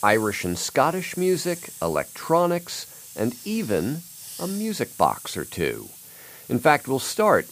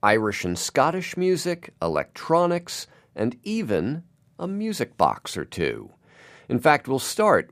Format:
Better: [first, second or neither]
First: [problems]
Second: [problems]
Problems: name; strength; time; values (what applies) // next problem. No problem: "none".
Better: second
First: hiss; noticeable; throughout; 15 dB below the speech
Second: none